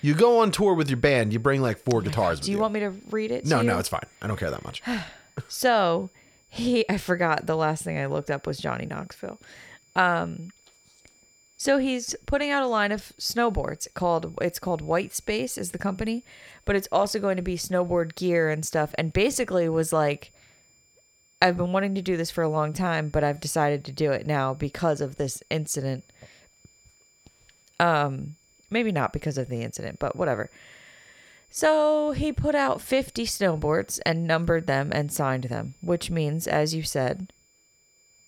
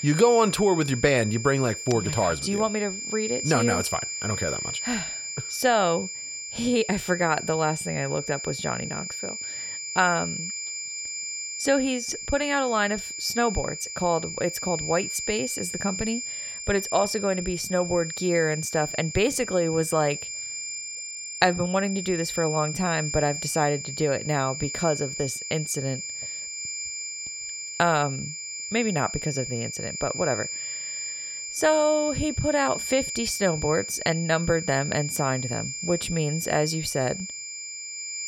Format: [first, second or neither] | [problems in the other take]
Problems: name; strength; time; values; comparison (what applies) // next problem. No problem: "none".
first | high-pitched whine; loud; throughout; 7 kHz, 6 dB below the speech; faint in the first